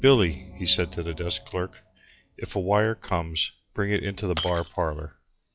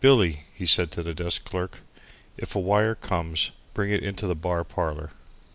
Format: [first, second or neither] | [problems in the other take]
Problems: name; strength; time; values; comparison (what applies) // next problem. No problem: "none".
second | noise reduction (classical method log-MMSE)